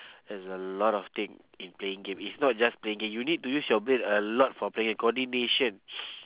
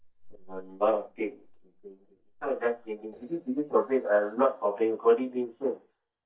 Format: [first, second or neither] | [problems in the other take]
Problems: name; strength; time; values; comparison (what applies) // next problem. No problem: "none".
first | noise reduction (neural mask model DeepFilterNet 3)